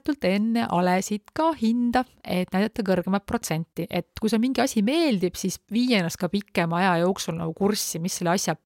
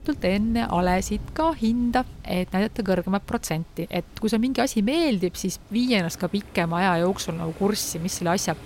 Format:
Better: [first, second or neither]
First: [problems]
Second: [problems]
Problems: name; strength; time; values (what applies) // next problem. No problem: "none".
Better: first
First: none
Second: rain or running water; noticeable; throughout; 20 dB below the speech